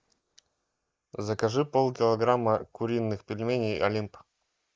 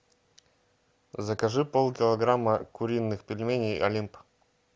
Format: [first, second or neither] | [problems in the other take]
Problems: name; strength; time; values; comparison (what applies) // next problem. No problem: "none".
second | noise reduction (neural mask model Resemble Enhance denoiser)